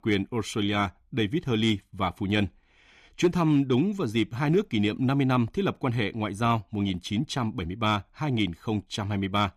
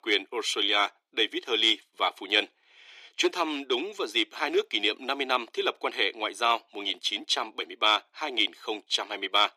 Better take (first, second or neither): first